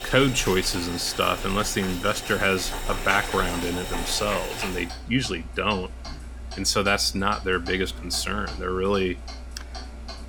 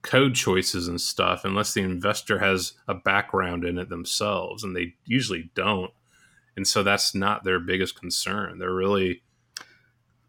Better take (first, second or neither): second